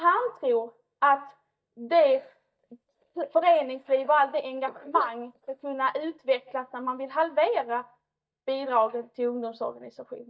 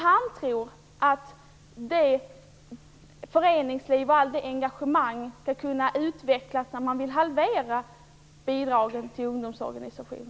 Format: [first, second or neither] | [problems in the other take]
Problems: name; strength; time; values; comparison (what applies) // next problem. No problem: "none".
second | noise reduction (neural mask model DeepFilterNet 3)